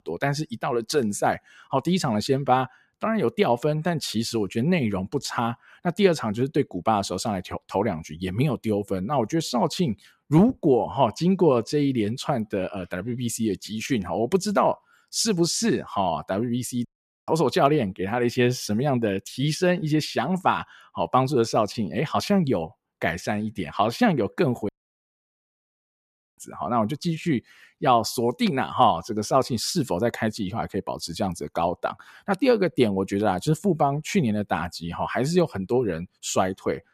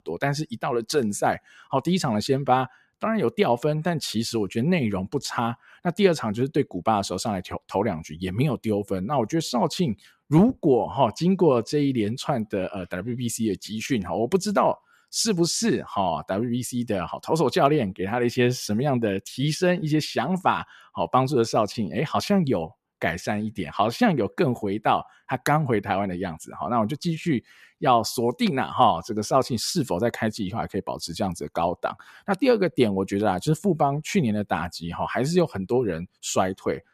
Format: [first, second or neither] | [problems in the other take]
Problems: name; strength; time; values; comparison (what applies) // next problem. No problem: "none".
second | audio cutting out; at 17 s and at 25 s for 1.5 s